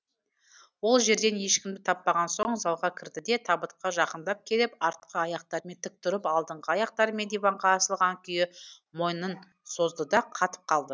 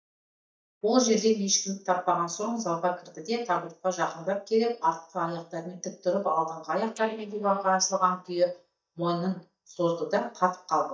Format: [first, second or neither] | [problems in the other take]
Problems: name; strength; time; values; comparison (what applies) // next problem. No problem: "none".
first | noise reduction (neural mask model DeepFilterNet 3)